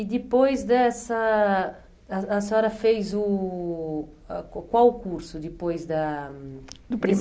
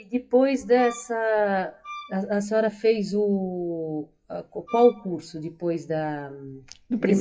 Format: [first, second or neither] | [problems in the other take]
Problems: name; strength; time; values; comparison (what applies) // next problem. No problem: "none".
first | noise reduction (classical method WPE with log-MMSE)